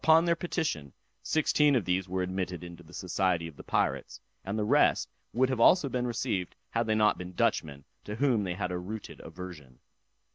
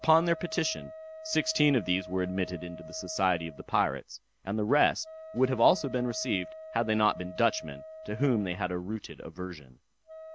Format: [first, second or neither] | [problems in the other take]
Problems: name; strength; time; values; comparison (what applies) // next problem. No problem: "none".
first | background sound (Wind instrument, woodwind instrument); 16 dB below the speech